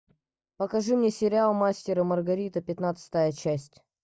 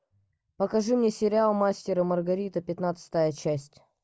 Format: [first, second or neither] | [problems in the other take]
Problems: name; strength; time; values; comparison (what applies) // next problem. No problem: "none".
second | noise reduction (neural mask model DeepFilterNet 3)